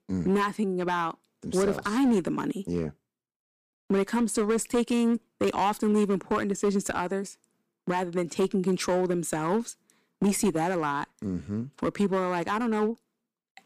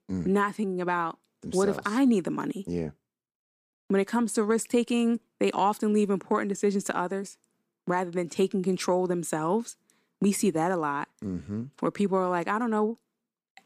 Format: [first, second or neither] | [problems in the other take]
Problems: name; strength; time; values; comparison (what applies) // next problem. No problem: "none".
second | distortion; slight; 7% of the sound clipped